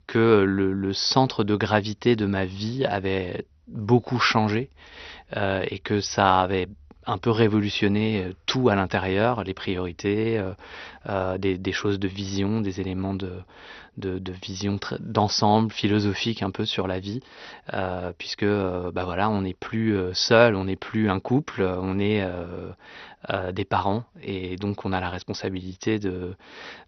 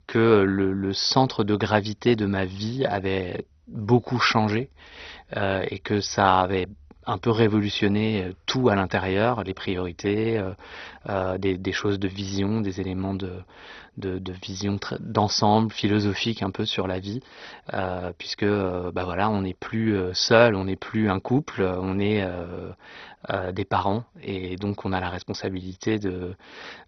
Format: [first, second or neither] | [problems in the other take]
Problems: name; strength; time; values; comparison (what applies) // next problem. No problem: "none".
first | garbled, watery; badly; nothing above 6 kHz; slightly in the first